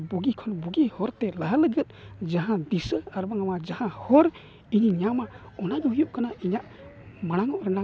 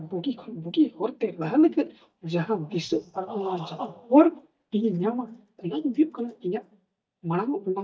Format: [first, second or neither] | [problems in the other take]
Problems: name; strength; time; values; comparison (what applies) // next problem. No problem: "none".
first | noise reduction (neural mask model DeepFilterNet 3)